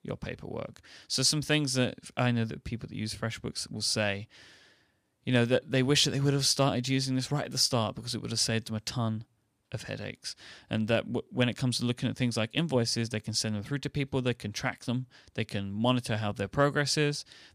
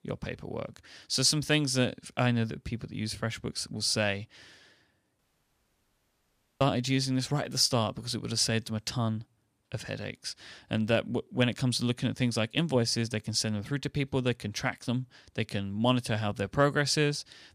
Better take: first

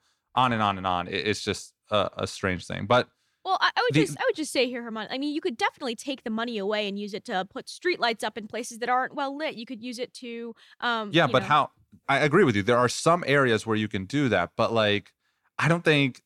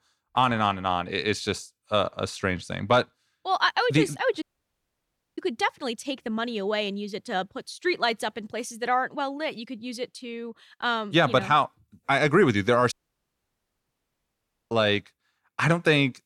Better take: first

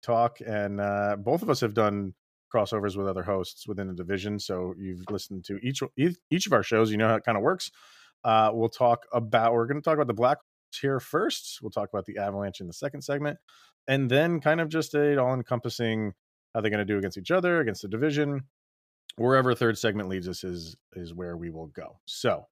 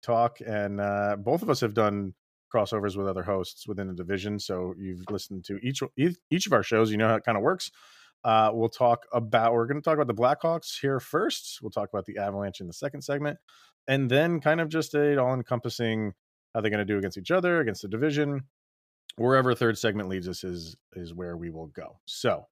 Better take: second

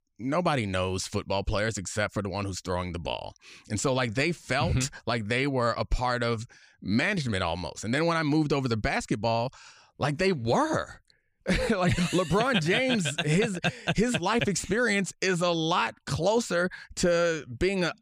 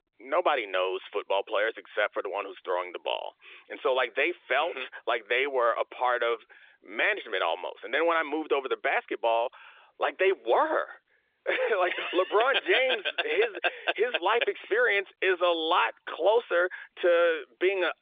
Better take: first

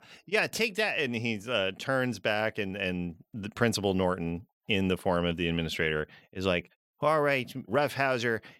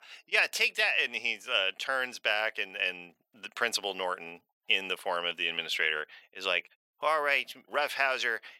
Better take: first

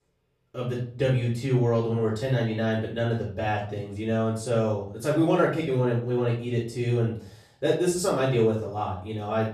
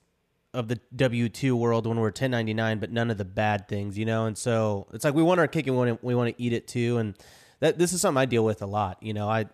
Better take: second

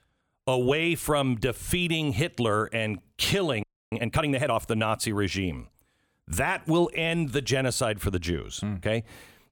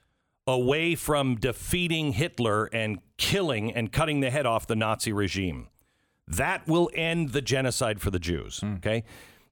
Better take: second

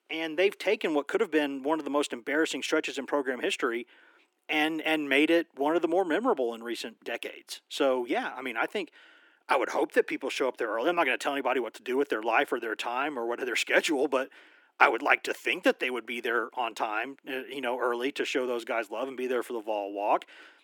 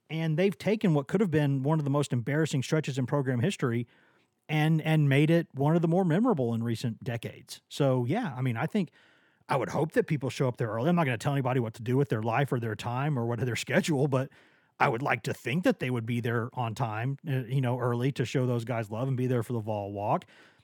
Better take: second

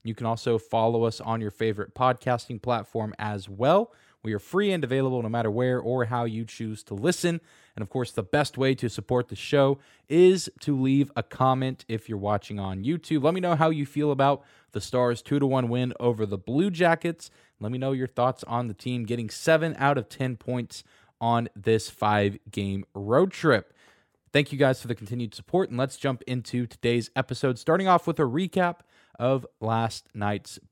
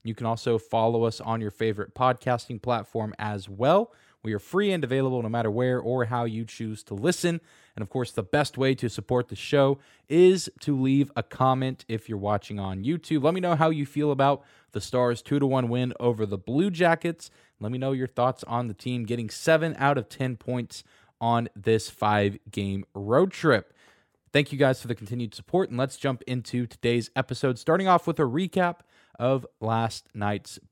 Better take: neither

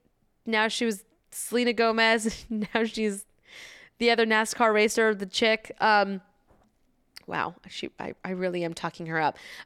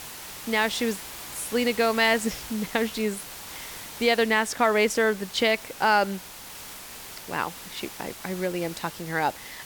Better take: first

